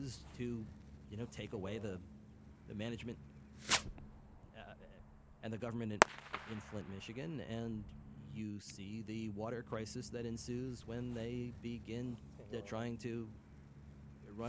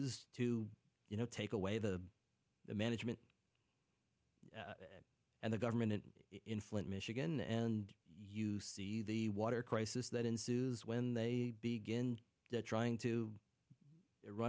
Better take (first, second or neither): second